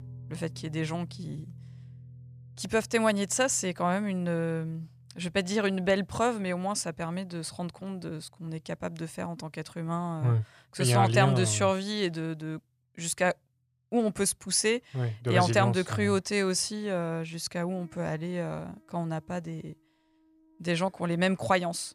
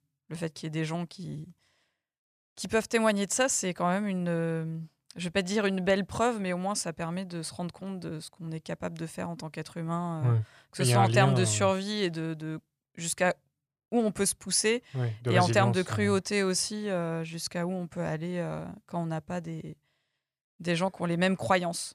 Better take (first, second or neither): second